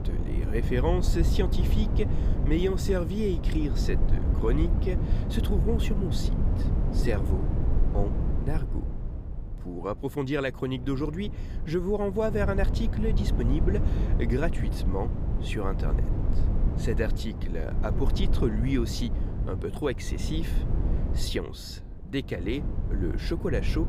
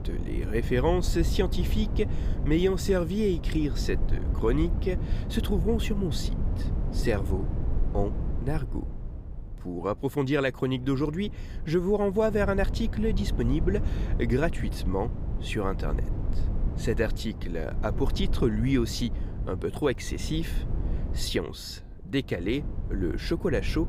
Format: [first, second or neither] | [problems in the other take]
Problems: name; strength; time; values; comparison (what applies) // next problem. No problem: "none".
second | wind noise on the microphone; heavy; 7 dB below the speech; occasional gusts in the second